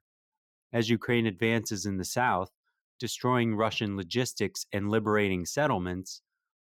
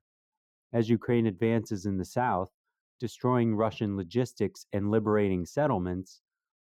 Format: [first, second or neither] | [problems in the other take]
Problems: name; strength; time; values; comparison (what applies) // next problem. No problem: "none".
first | muffled; slightly; fading above 1.5 kHz